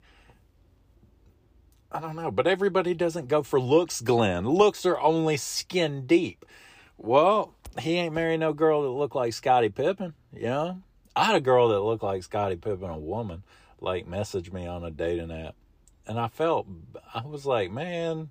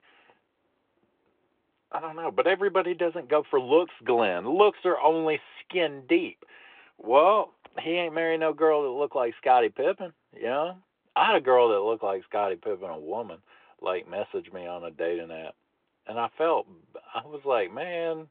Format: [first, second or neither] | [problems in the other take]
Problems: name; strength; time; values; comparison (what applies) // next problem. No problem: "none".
first | phone-call audio